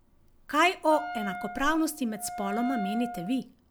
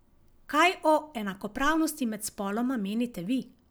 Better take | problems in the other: second | background sound (Wind instrument, woodwind instrument); 9 dB below the speech

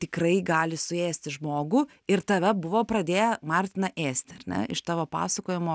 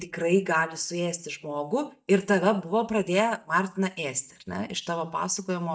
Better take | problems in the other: first | noise reduction (neural mask model DeepFilterNet 3)

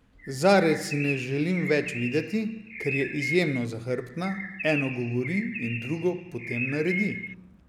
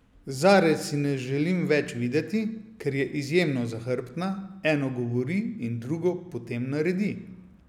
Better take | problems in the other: second | background sound (Bird); 9 dB below the speech

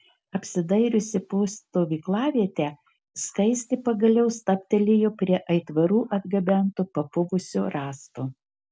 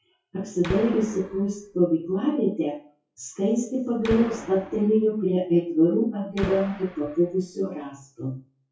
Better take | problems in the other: first | noise reduction (classical method WPE with log-MMSE)

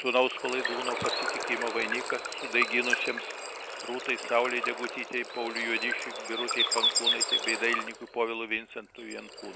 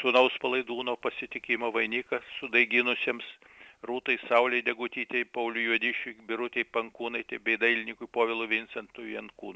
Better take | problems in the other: second | background sound (Water / Bird); 1 dB below the speech

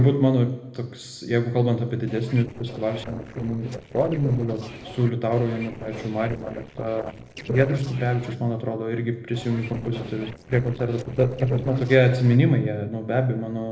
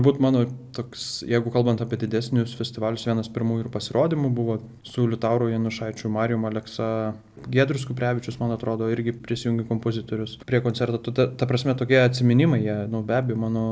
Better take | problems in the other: second | noise reduction (neural separator model SepFormer DNS4)

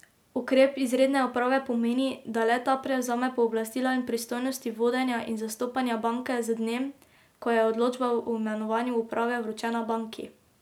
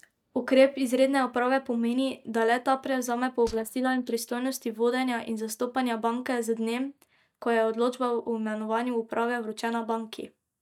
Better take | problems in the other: first | noise reduction (neural mask model DeepFilterNet 3)

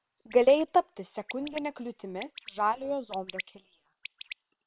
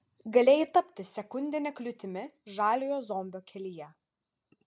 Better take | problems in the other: second | noise reduction (neural separator model SepFormer WHAM!)

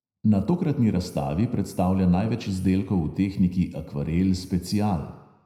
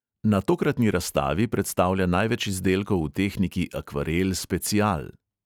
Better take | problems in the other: second | room echo; dies away in 0.7 s

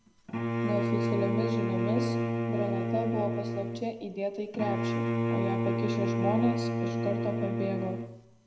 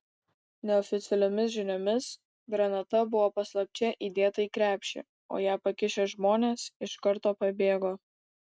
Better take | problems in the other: second | background sound (Bowed string instrument); 4 dB above the speech // room echo; dies away in 0.7 s

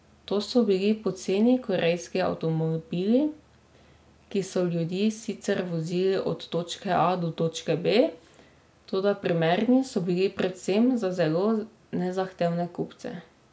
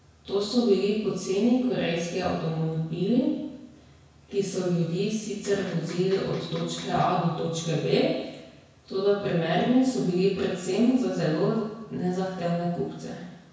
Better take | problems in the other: first | background sound (Electric guitar); 13 dB below the speech // room echo; dies away in 1 s

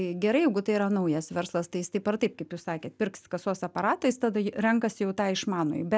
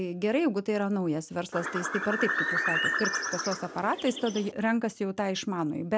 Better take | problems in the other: first | background sound (Bird); 1 dB below the speech

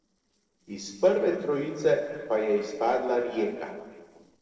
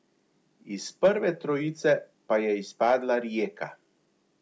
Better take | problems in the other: second | noise reduction (neural separator model SepFormer DNS4)

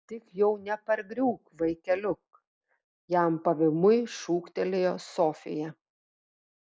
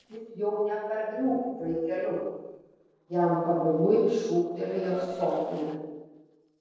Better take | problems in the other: first | noise reduction (neural separator model SepFormer DNS4)

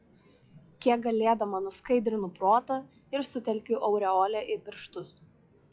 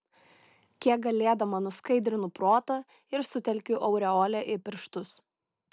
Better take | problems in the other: second | noise reduction (classical method log-MMSE)

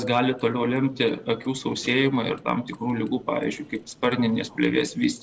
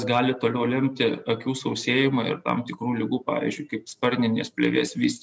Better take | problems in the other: second | noise reduction (neural separator model SepFormer DNS4)

